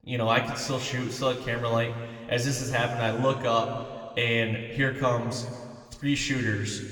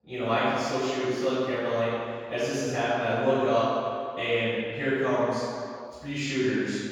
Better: first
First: room echo; slight; dies away in 2 s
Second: room echo; strong; dies away in 2.2 s // off-mic speech; far

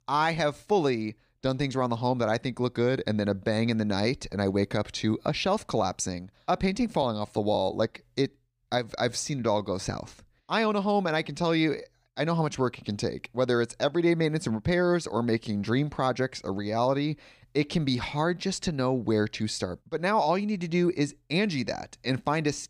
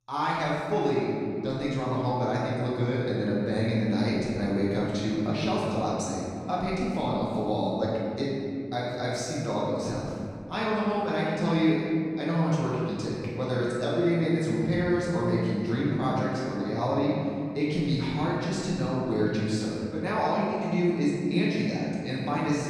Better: first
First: none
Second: room echo; strong; dies away in 2.5 s // off-mic speech; far

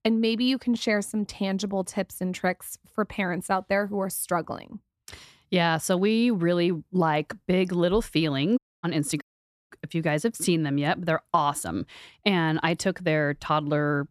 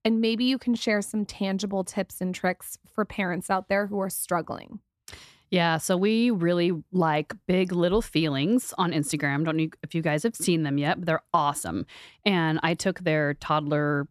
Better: second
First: audio cutting out; at 8.5 s and at 9 s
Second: none

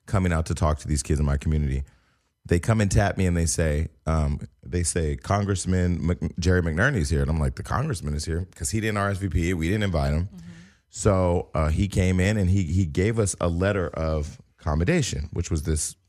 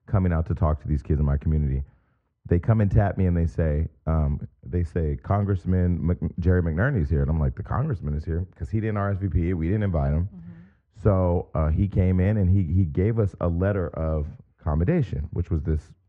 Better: first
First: none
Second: muffled; very; fading above 1.5 kHz

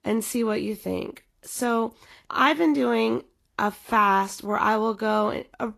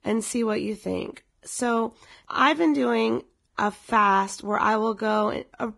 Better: first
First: garbled, watery; slightly; nothing above 12.5 kHz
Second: garbled, watery; badly; nothing above 10.5 kHz

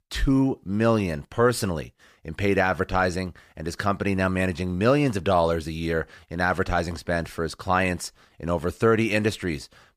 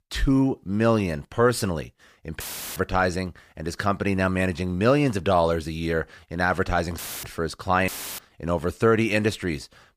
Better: first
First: none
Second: audio cutting out; filled with static; at 2.5 s, at 7 s and at 8 s

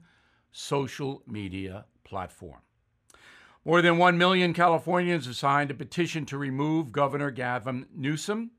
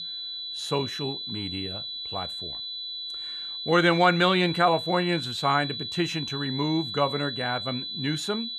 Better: first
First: none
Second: high-pitched whine; loud; throughout; 4 kHz, 6 dB below the speech

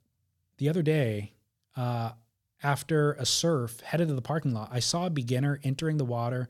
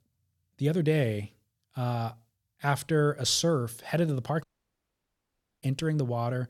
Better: first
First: none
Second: audio cutting out; at 4.5 s for 1 s

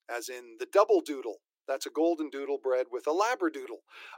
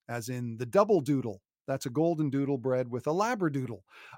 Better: second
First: thin; very; fading below 300 Hz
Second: none

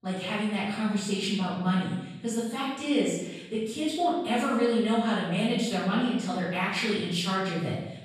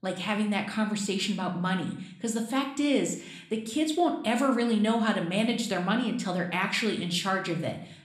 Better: second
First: room echo; strong; dies away in 0.9 s // off-mic speech; far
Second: room echo; slight; dies away in 0.5 s

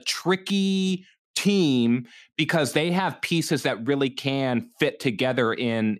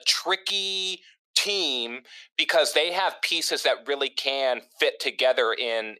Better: first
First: none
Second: thin; very; fading below 500 Hz

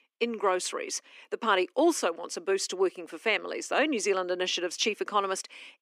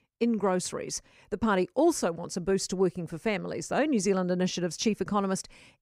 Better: second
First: thin; somewhat; fading below 250 Hz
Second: none

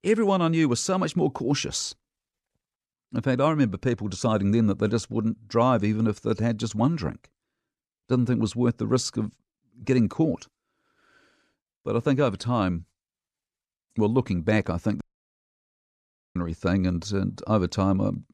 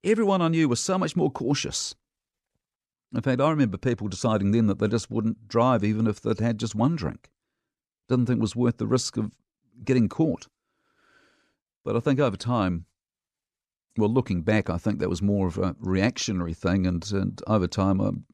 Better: second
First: audio cutting out; at 15 s for 1.5 s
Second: none

